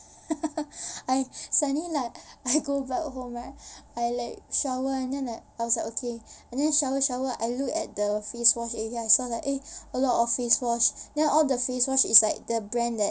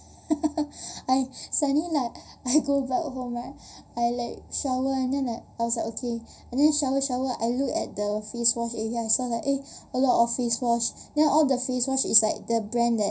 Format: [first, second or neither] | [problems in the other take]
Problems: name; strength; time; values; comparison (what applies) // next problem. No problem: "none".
first | room echo; dies away in 0.4 s